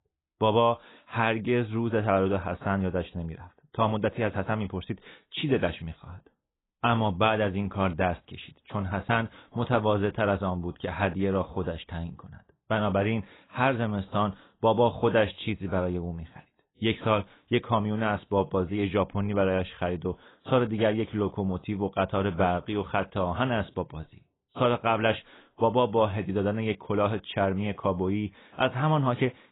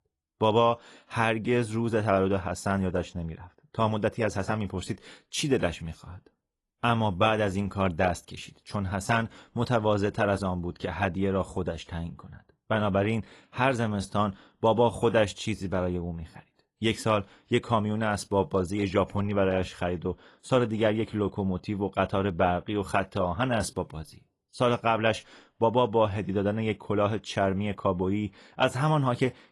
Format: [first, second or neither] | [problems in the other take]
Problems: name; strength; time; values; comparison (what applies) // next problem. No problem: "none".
second | garbled, watery; badly; nothing above 3.5 kHz; slightly in the second